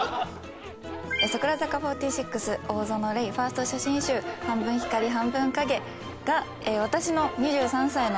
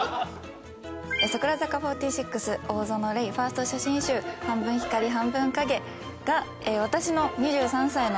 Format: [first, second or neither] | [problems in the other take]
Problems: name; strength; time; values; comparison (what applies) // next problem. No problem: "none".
second | background sound (Zipper (clothing)); 19 dB below the speech